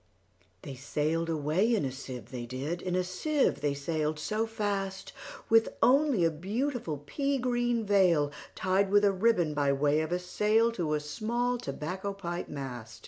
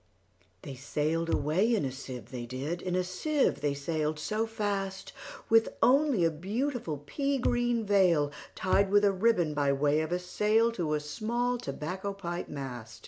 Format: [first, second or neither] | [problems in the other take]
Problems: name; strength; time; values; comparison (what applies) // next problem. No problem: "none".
first | background sound (Bass drum); 5 dB below the speech